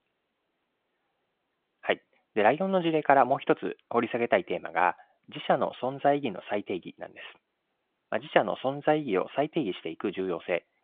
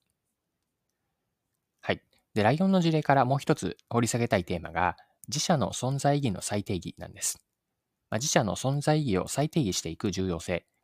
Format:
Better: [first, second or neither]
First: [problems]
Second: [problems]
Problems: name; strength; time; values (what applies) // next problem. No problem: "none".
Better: second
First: phone-call audio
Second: none